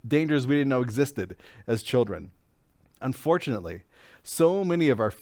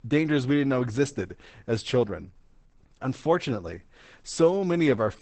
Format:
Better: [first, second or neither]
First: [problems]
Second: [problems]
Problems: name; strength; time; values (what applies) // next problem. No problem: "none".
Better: first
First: garbled, watery; slightly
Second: garbled, watery; badly; nothing above 8 kHz